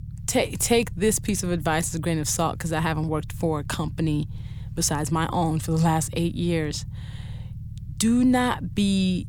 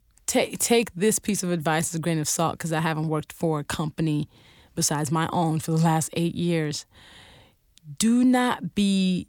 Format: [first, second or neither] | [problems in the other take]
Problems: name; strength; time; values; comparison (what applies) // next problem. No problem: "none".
second | low rumble; faint; throughout; 25 dB below the speech